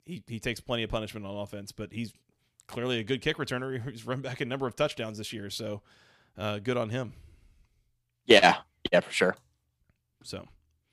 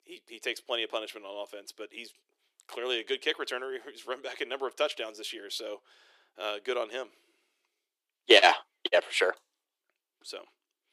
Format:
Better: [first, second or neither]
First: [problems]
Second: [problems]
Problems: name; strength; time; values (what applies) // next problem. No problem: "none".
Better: first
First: none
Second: thin; very; fading below 350 Hz